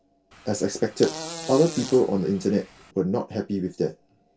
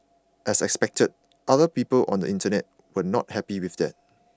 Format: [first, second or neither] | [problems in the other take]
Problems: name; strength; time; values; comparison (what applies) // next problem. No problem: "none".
second | background sound (Fart); 13 dB below the speech // room echo; dies away in 0.2 s